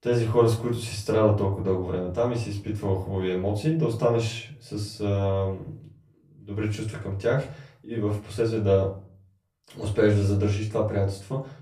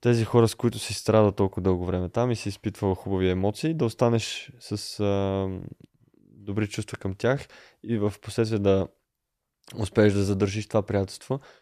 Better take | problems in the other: second | off-mic speech; far // room echo; slight; dies away in 0.3 s

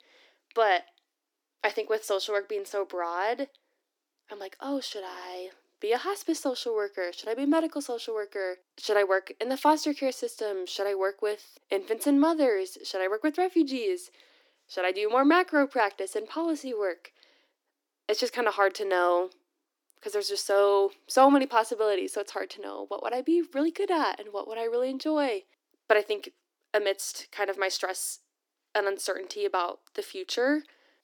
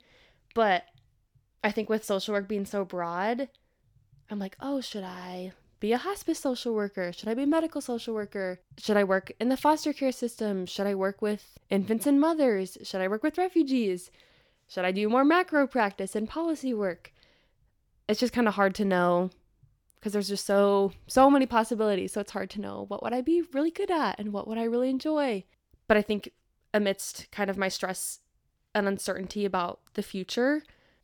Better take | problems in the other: second | thin; very slightly; fading below 300 Hz

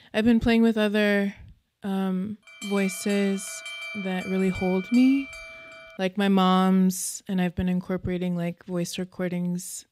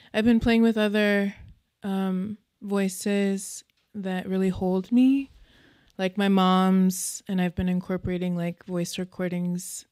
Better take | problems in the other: second | alarm; noticeable; from 2.5 to 6 s; peak 9 dB below the speech

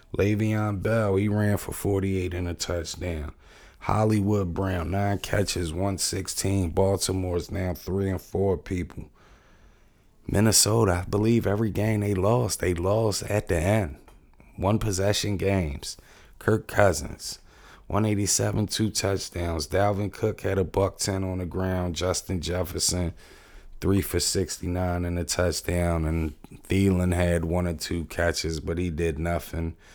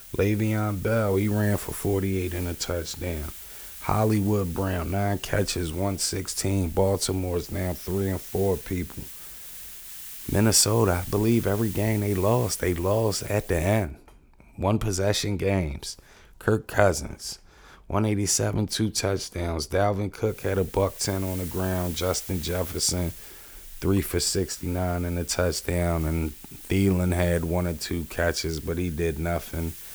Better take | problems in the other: first | hiss; noticeable; until 14 s and from 20 s on; 15 dB below the speech

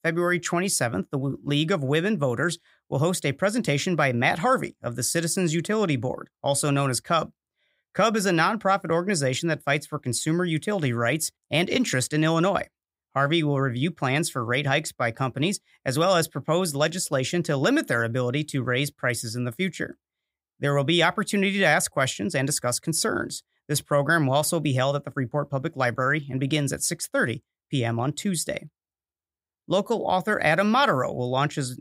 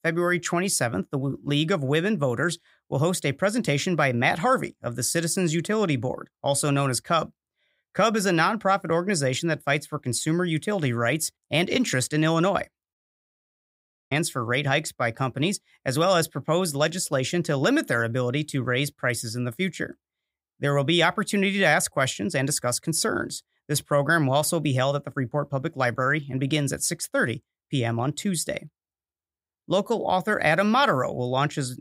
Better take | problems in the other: first | audio cutting out; at 13 s for 1 s

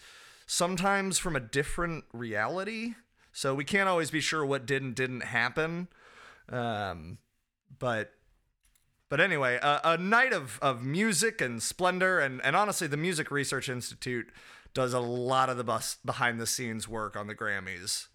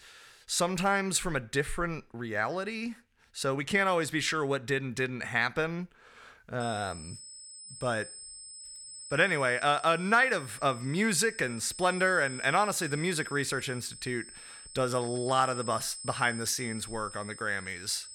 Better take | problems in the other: first | high-pitched whine; noticeable; from 6.5 s on; 8 kHz, 15 dB below the speech

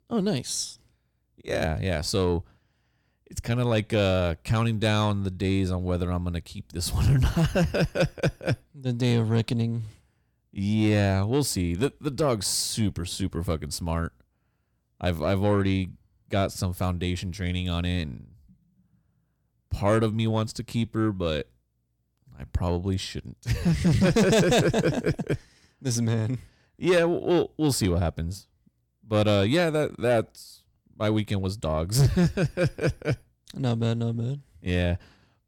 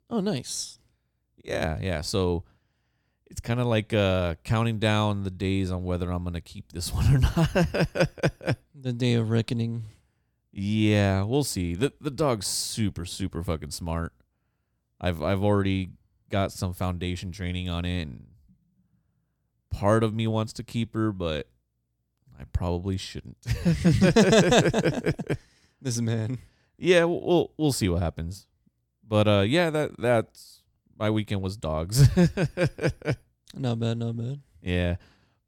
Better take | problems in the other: second | distortion; slight; 10 dB below the speech

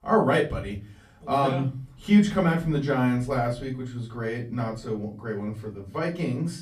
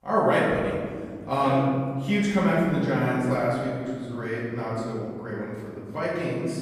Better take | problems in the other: first | room echo; strong; dies away in 2 s; slight in the first // off-mic speech; far; far in the first

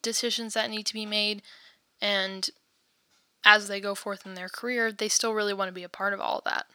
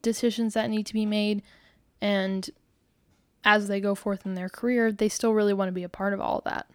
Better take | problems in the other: second | thin; somewhat; fading below 1 kHz

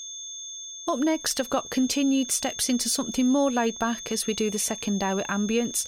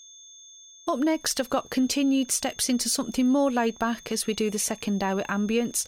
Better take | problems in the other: second | high-pitched whine; loud; throughout; 6.5 kHz, 10 dB below the speech; faint in the second

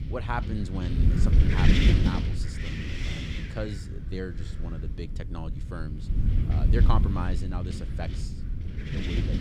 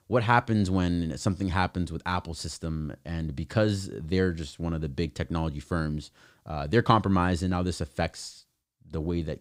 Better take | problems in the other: second | wind noise on the microphone; heavy; 1 dB above the speech

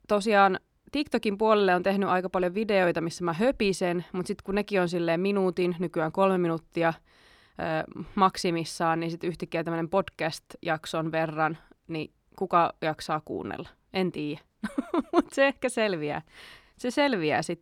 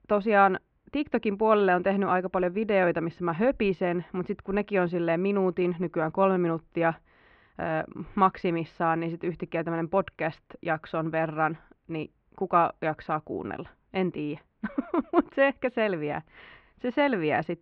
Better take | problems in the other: first | muffled; very; fading above 2.5 kHz

